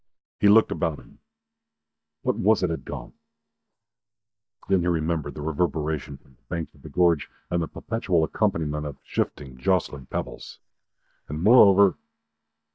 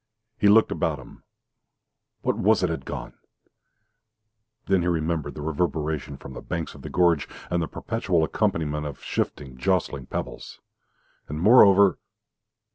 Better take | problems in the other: second | noise reduction (neural mask model DeepFilterNet 3)

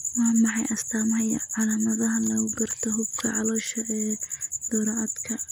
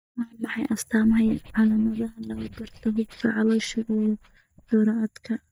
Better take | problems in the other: first | noise reduction (neural mask model DeepFilterNet 3)

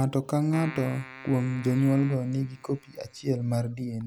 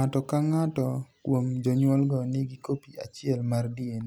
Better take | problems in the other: second | background sound (Keyboard (musical)); 18 dB below the speech

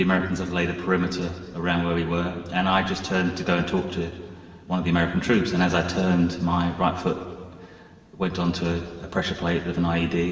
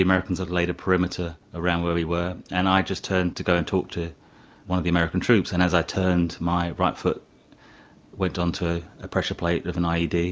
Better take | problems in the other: second | room echo; dies away in 2.1 s

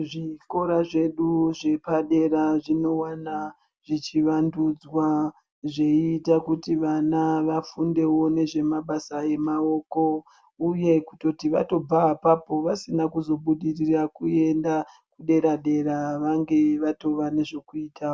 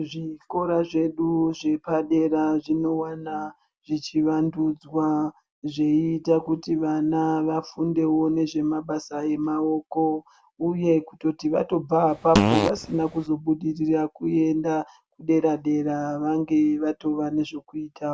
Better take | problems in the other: first | background sound (Fart); as loud as the speech

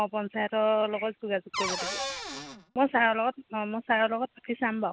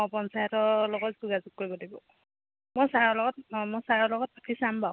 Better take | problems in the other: second | background sound (Cupboard open or close / Door); 5 dB below the speech

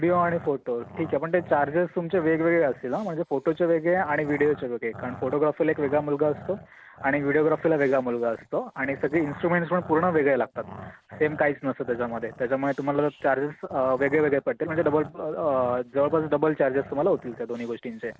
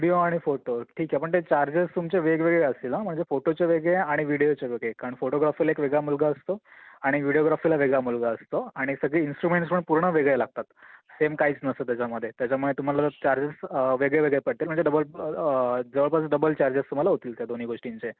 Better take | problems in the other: second | background sound (Growling); 19 dB below the speech

